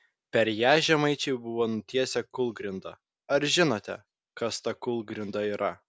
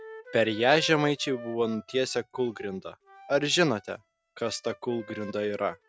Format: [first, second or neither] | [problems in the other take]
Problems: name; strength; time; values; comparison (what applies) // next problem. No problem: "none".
first | noise reduction (neural mask model RNNoise)